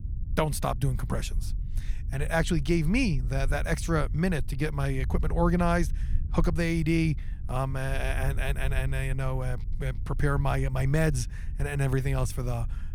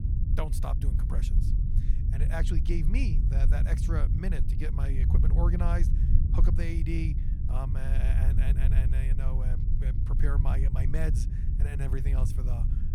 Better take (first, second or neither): first